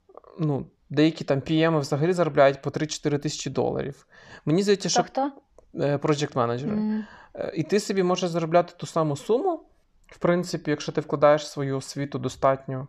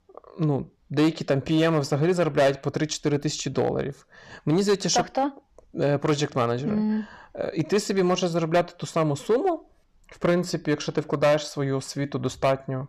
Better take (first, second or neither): first